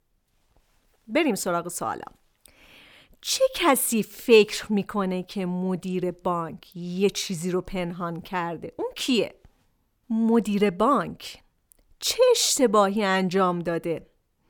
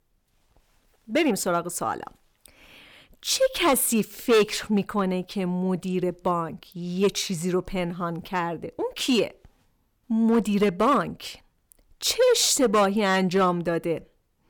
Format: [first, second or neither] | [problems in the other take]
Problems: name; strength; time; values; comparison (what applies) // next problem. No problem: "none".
first | distortion; slight; 3% of the sound clipped